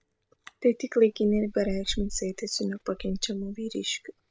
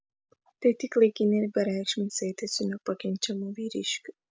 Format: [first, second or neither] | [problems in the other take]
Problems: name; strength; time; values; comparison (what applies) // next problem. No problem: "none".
second | background sound (Chewing, mastication); 13 dB below the speech